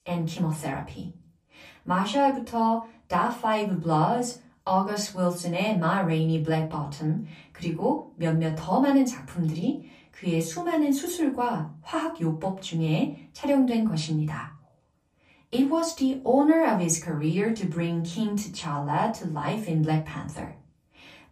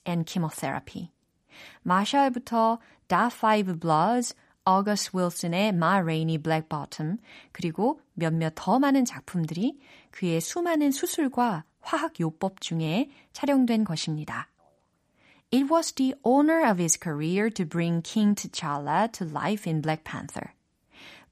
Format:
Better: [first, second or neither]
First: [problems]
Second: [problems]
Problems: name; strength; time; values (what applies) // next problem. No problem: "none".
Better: second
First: off-mic speech; far // room echo; very slight; dies away in 0.3 s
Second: none